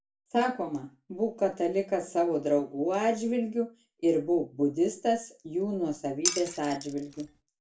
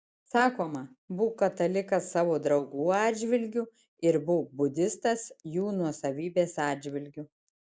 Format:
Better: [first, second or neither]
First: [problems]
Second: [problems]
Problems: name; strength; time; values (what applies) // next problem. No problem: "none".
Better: second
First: background sound (Glass); 6 dB below the speech // room echo; dies away in 0.2 s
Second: none